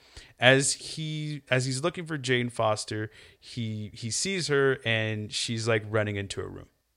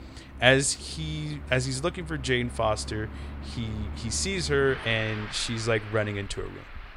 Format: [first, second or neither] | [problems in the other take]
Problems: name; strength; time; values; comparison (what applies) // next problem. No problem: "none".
first | traffic noise; noticeable; throughout; 15 dB below the speech